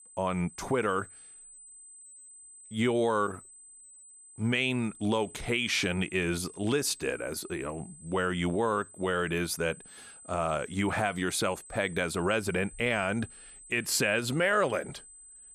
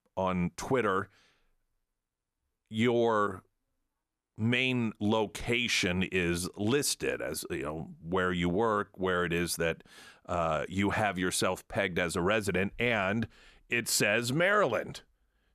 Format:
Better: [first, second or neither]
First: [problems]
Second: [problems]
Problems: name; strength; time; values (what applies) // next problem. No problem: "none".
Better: second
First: high-pitched whine; noticeable; throughout; 8 kHz, 20 dB below the speech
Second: none